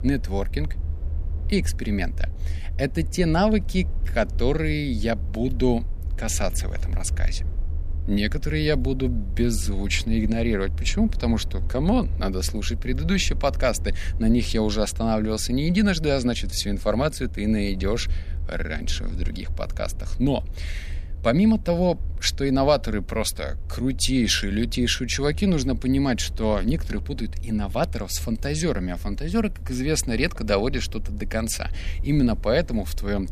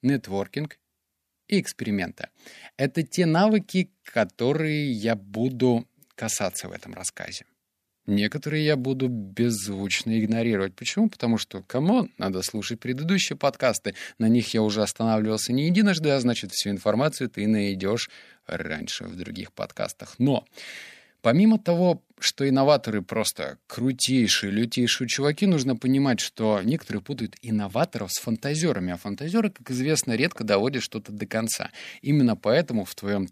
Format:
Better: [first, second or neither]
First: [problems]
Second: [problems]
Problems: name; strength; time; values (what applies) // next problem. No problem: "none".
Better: second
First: low rumble; faint; throughout; 25 dB below the speech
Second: none